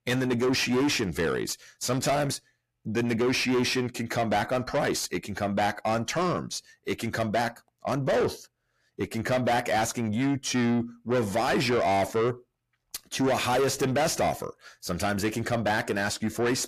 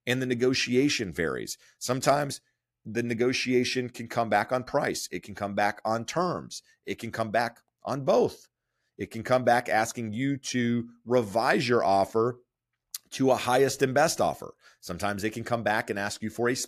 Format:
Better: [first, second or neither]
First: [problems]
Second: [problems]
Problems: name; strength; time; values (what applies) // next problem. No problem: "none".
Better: second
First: distortion; heavy; 7 dB below the speech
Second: none